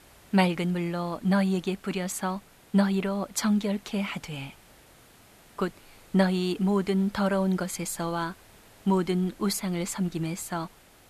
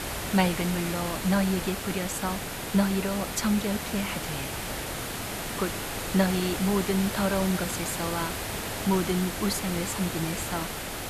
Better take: first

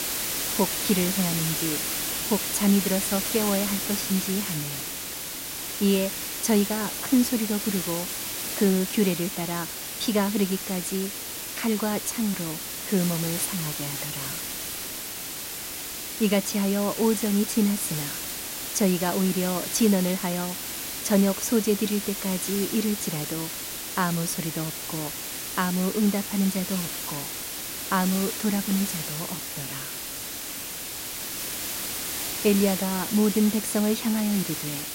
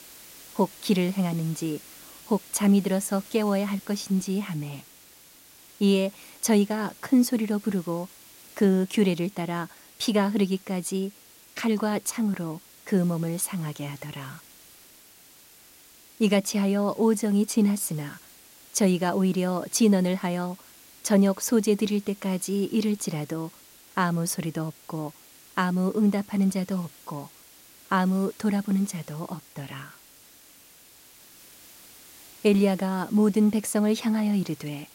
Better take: second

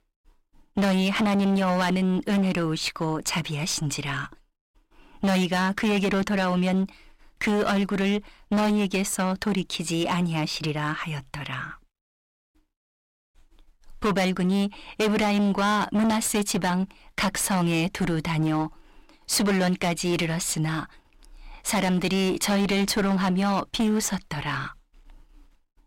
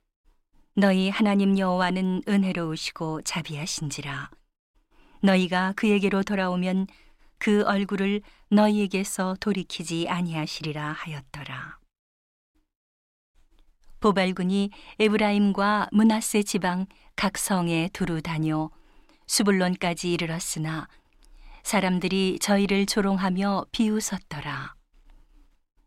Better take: second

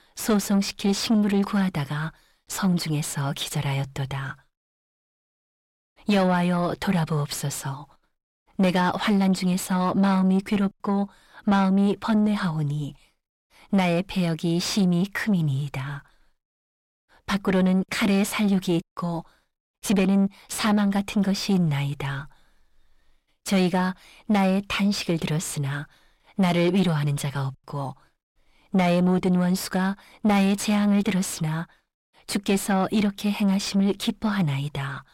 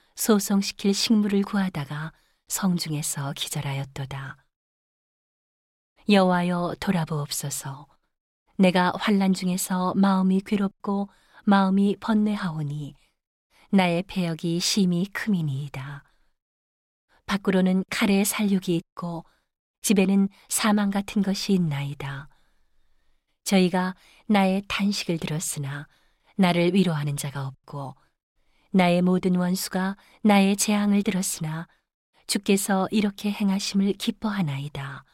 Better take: second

